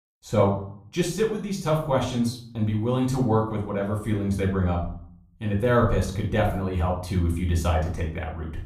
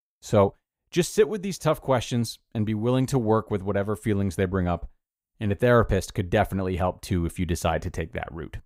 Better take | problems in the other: second | off-mic speech; far // room echo; slight; dies away in 0.4 s

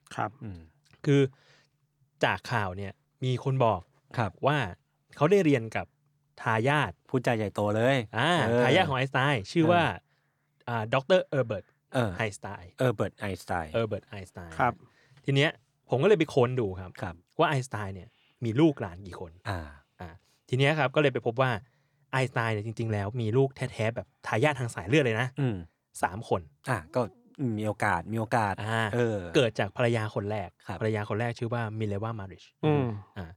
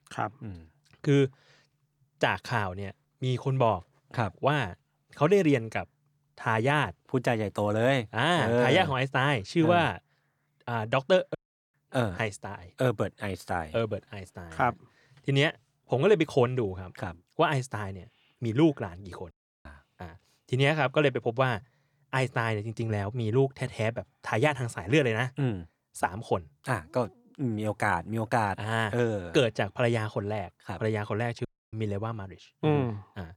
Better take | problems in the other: first | audio cutting out; at 11 s, at 19 s and at 31 s

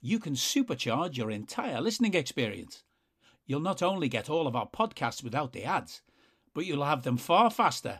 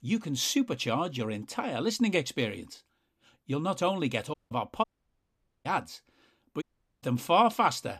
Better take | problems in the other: first | audio cutting out; at 4.5 s, at 5 s for 1 s and at 6.5 s

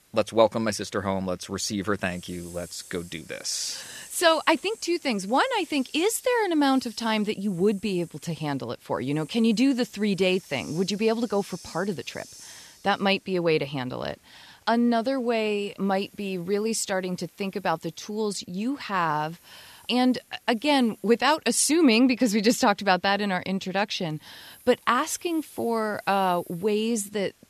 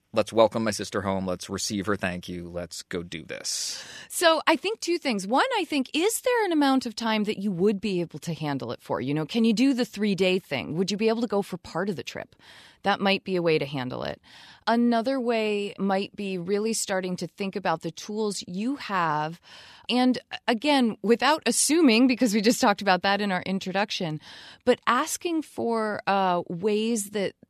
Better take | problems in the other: second | hiss; faint; throughout; 25 dB below the speech

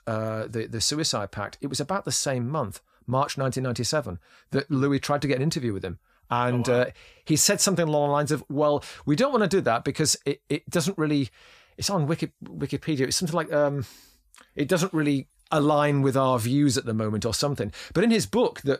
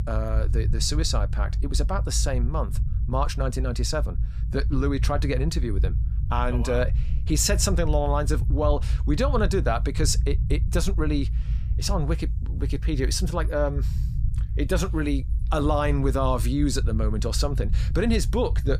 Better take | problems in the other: first | low rumble; noticeable; throughout; 15 dB below the speech

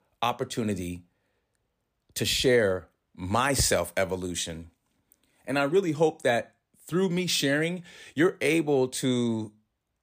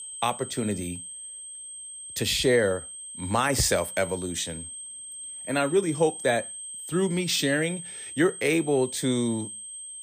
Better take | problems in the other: first | high-pitched whine; noticeable; throughout; 8.5 kHz, 10 dB below the speech

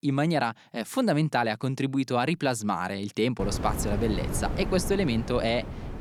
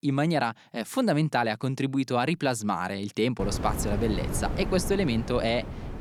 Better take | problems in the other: neither | wind noise on the microphone; occasional gusts; from 3.5 s on; 10 dB below the speech; the same in both

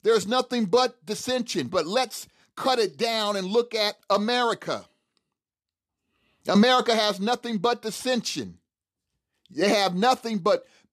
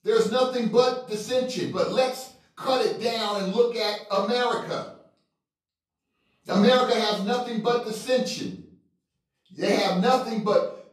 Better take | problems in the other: first | off-mic speech; far // room echo; noticeable; dies away in 0.4 s

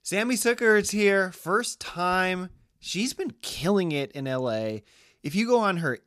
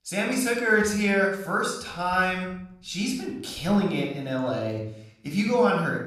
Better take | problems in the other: first | off-mic speech; somewhat distant // room echo; noticeable; dies away in 0.6 s

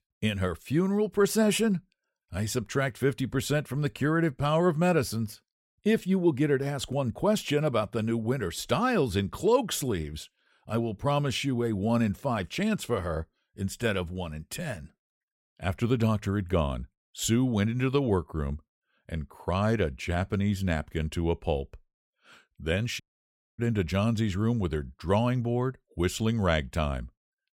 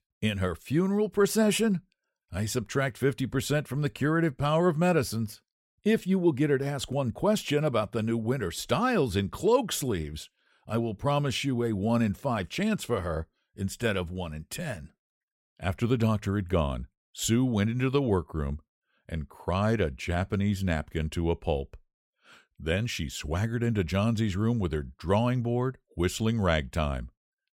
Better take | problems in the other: second | audio cutting out; at 23 s for 0.5 s

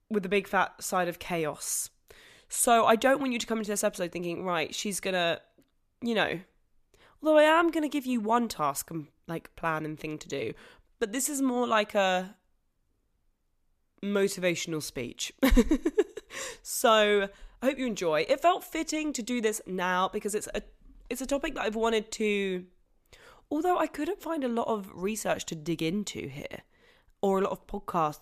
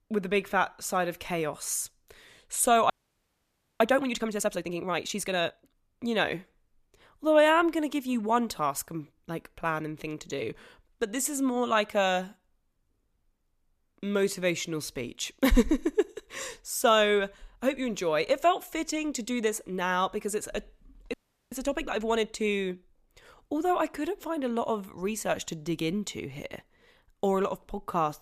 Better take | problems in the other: first | audio freezing; at 3 s for 1 s and at 21 s

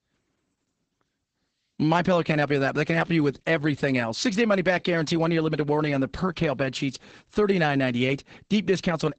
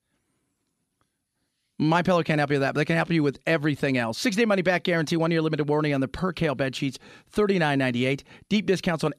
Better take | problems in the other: second | garbled, watery; badly; nothing above 8 kHz

